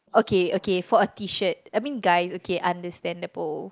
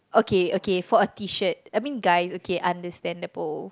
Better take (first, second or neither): second